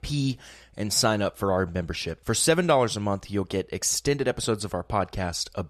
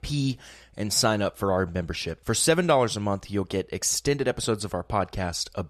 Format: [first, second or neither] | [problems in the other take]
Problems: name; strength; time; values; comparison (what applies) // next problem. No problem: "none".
neither | none